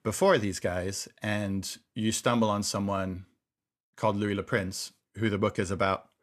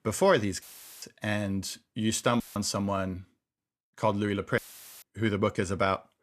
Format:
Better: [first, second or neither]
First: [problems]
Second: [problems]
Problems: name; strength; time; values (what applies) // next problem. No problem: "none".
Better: first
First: none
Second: audio cutting out; filled with static; at 0.5 s, at 2.5 s and at 4.5 s